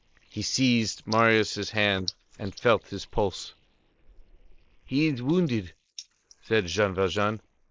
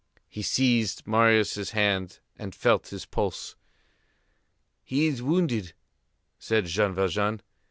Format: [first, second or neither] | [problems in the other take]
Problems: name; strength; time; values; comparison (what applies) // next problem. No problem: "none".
second | noise reduction (neural mask model Resemble Enhance denoiser)